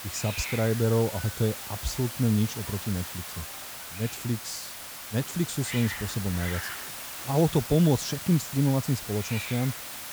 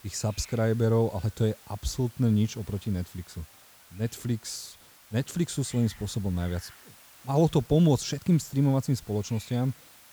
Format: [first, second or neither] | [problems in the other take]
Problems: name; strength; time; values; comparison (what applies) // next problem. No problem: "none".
second | hiss; loud; throughout; 7 dB below the speech; faint in the second